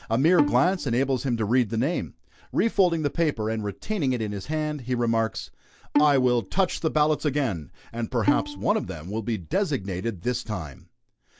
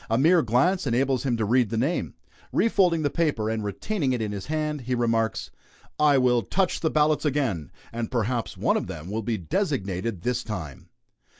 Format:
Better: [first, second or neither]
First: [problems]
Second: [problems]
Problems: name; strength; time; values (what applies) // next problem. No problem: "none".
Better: second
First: background sound (Bowed string instrument); 7 dB below the speech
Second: none